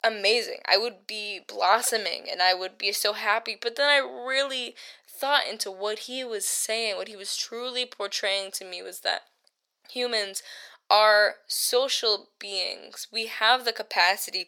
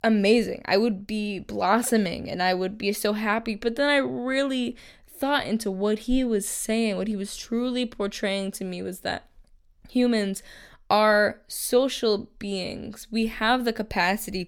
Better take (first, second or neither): second